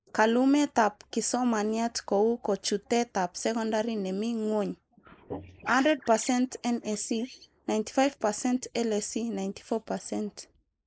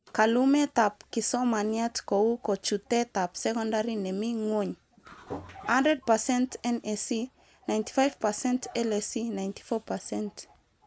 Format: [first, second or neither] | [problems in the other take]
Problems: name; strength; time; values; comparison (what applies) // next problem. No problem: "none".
second | noise reduction (neural mask model Resemble Enhance denoiser)